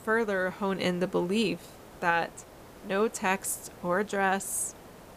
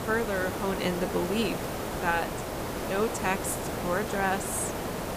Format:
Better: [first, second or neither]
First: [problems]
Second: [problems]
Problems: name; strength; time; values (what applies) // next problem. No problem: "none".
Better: first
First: hiss; faint; throughout; 20 dB below the speech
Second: hiss; loud; throughout; 3 dB below the speech